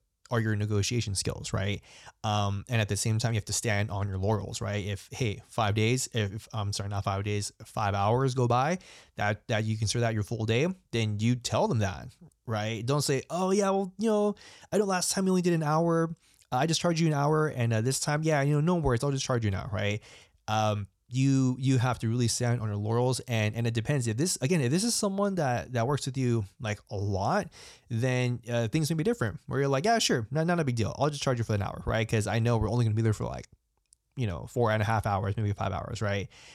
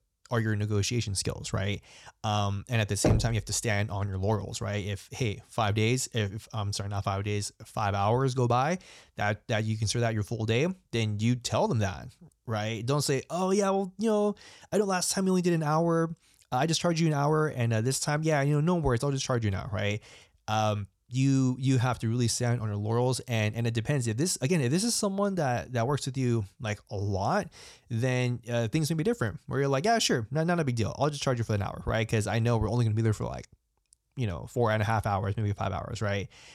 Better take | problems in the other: first | door banging; noticeable; at 3 s; peak level with the speech

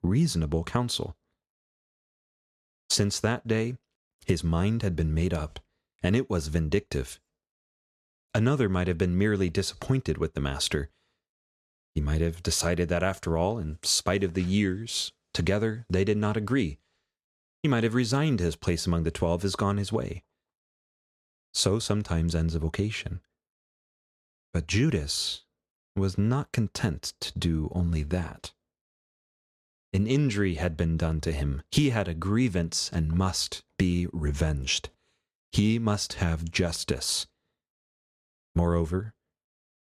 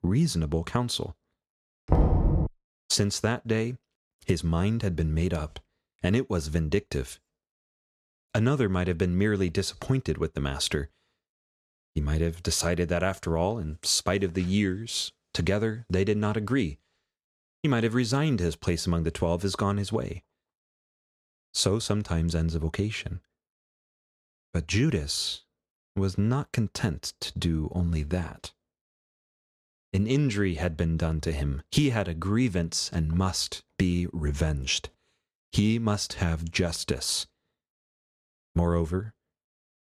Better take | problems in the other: first | door banging; loud; at 2 s; peak 4 dB above the speech

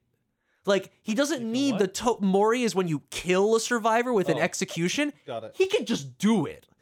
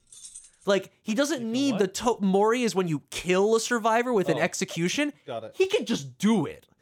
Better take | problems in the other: first | jangling keys; faint; at the start; peak 15 dB below the speech

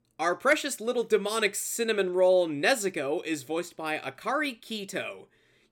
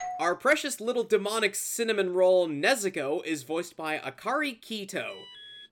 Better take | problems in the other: first | doorbell; noticeable; at the start; peak 10 dB below the speech // alarm; faint; at 5 s; peak 15 dB below the speech

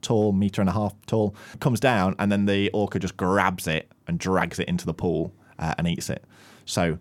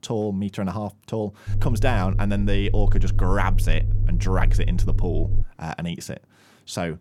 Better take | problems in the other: first | low rumble; noticeable; from 1.5 to 5.5 s; 10 dB below the speech

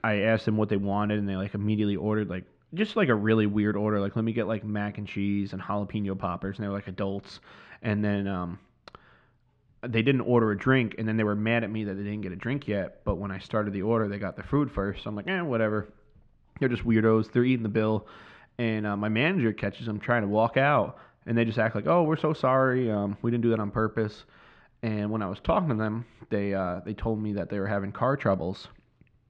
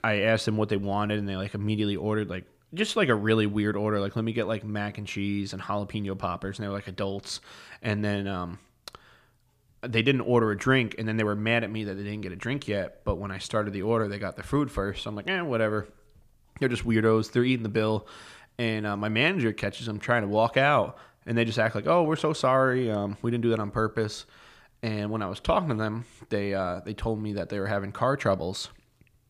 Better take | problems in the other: second | muffled; slightly; fading above 2.5 kHz

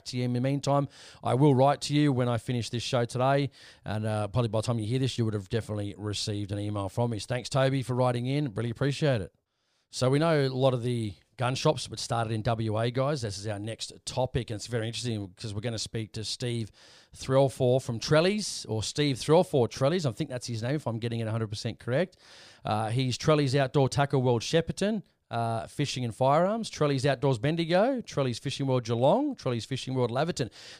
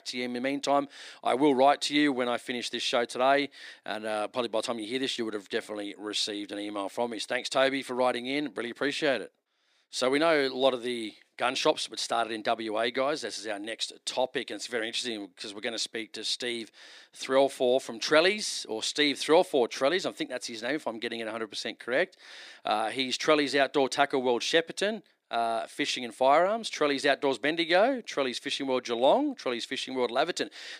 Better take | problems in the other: first | thin; somewhat; fading below 300 Hz

